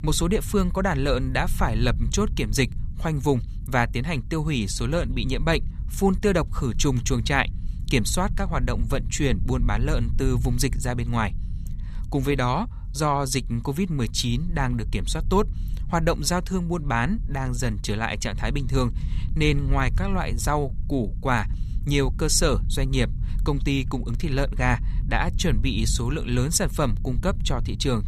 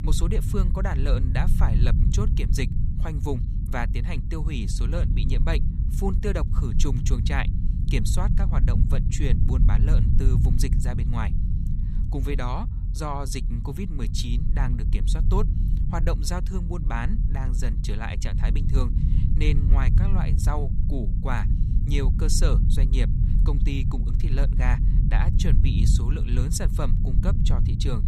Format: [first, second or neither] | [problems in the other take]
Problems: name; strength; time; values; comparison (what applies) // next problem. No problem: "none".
first | low rumble; loud; throughout; 6 dB below the speech; faint in the first